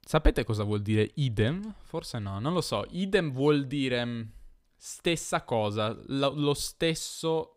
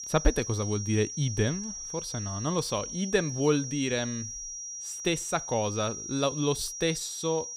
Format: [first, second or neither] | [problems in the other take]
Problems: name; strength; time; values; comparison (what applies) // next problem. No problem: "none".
first | high-pitched whine; loud; throughout; 5.5 kHz, 6 dB below the speech